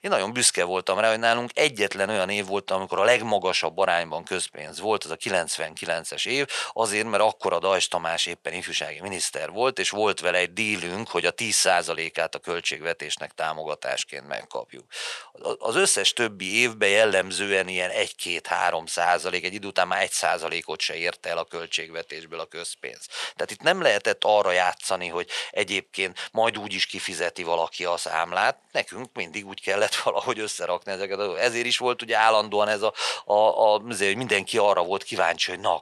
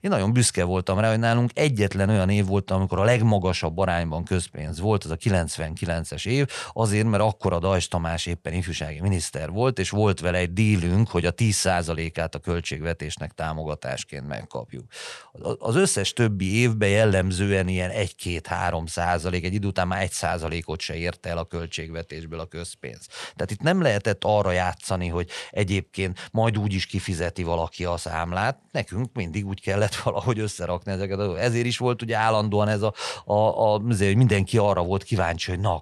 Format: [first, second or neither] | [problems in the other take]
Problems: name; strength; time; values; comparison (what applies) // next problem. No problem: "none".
second | thin; very; fading below 500 Hz